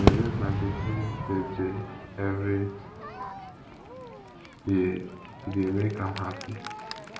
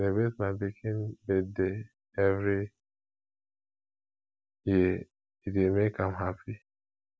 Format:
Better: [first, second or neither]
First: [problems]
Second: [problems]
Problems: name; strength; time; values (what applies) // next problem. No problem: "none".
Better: second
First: background sound (Crowd / Fireworks); 2 dB below the speech // room echo; dies away in 0.6 s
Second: none